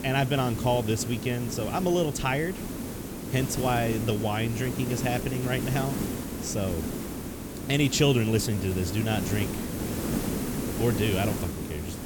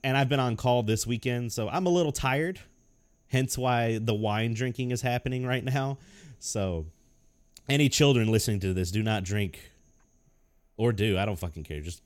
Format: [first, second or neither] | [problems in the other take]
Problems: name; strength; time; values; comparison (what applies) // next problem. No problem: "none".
second | hiss; loud; throughout; 5 dB below the speech